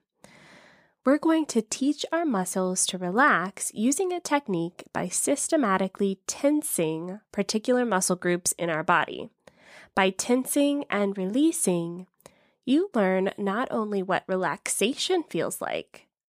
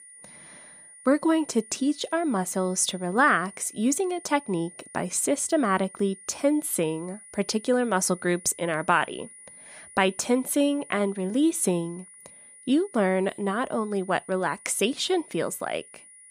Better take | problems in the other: first | high-pitched whine; noticeable; throughout; 9.5 kHz, 20 dB below the speech

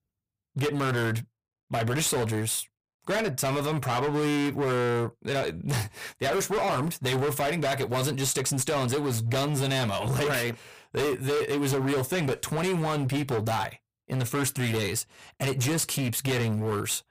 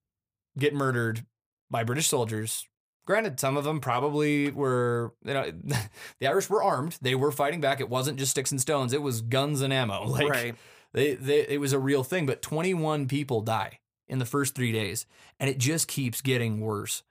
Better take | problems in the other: second | distortion; heavy; 27% of the sound clipped

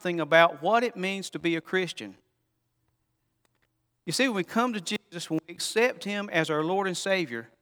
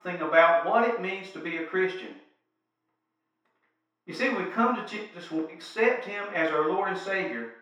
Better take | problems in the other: first | room echo; noticeable; dies away in 0.6 s // off-mic speech; far

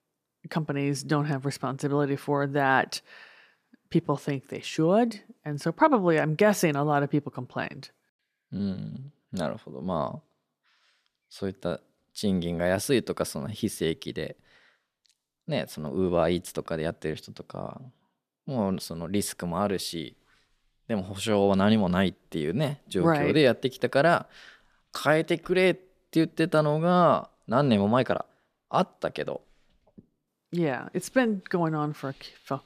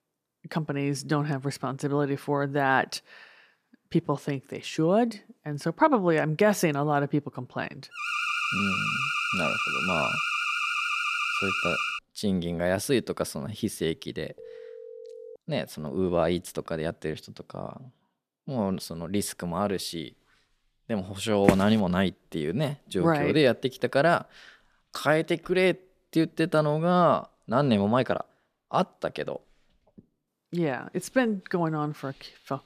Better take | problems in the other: first | alarm; loud; from 8 to 12 s; peak 1 dB above the speech // phone ringing; faint; at 14 s; peak 15 dB below the speech // footsteps; loud; at 21 s; peak 1 dB above the speech

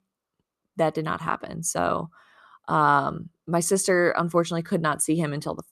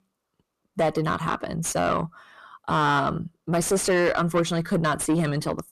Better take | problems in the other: first | distortion; heavy; 7 dB below the speech

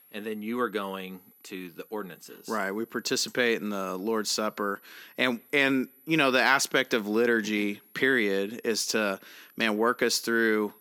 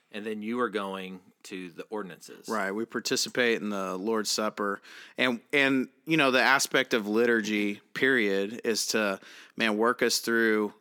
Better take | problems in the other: second | high-pitched whine; faint; throughout; 12 kHz, 30 dB below the speech

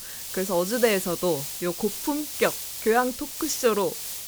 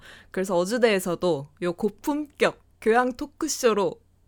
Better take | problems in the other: second | hiss; loud; throughout; 5 dB below the speech

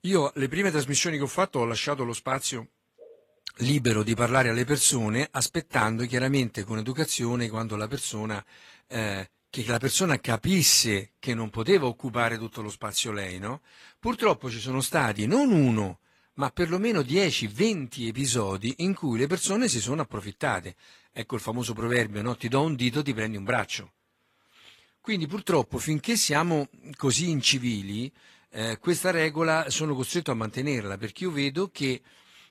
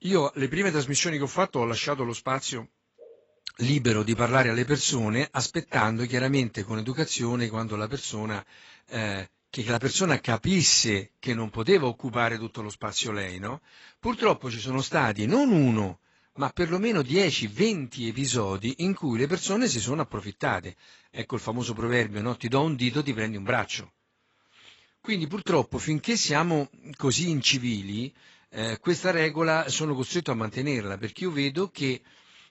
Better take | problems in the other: first | garbled, watery; badly; nothing above 7.5 kHz; slightly in the first

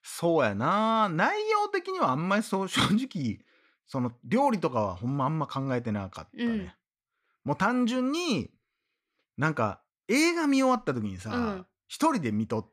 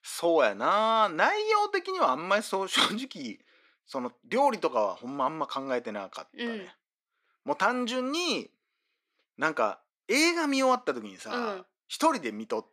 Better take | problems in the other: first | thin; somewhat; fading below 300 Hz

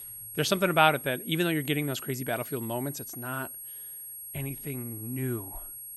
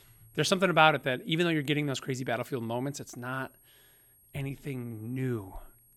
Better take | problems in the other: second | high-pitched whine; loud; throughout; 11.5 kHz, 9 dB below the speech; faint in the second

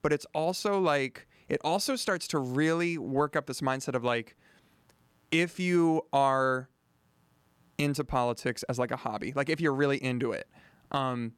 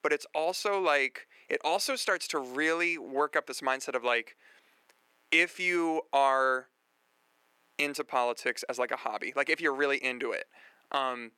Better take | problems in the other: first | thin; somewhat; fading below 400 Hz

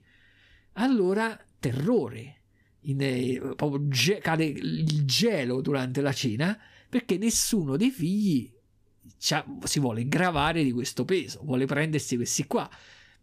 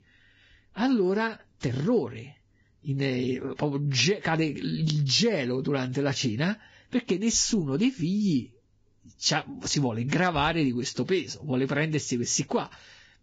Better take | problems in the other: first | garbled, watery; badly

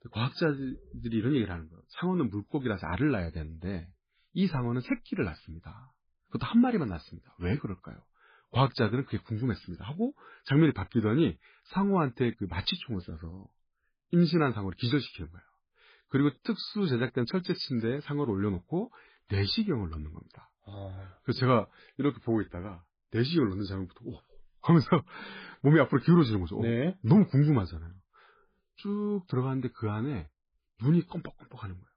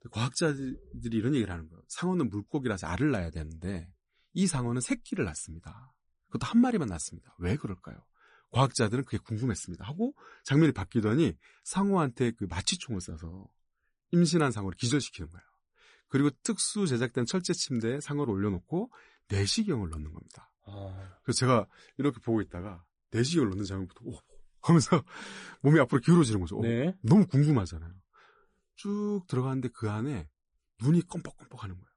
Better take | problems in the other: second | garbled, watery; badly; slightly in the second

